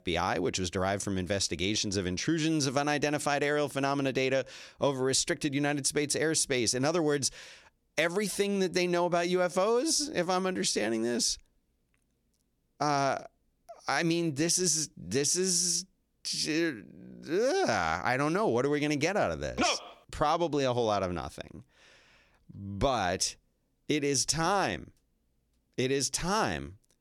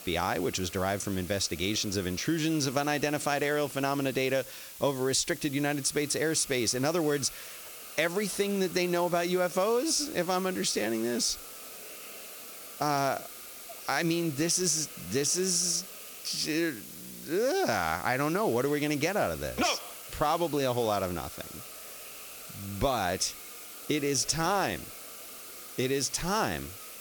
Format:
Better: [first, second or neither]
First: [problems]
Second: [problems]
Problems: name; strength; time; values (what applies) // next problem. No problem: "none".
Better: first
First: none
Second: hiss; noticeable; throughout; 15 dB below the speech